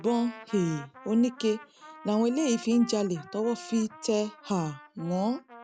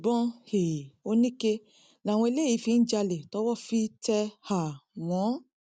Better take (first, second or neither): second